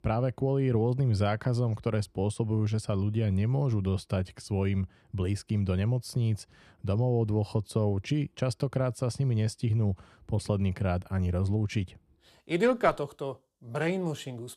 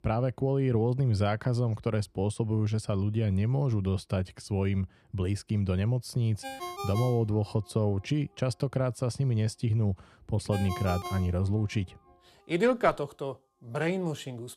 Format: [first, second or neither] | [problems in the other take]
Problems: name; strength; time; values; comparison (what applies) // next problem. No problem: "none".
first | phone ringing; noticeable; from 6.5 to 12 s; peak 8 dB below the speech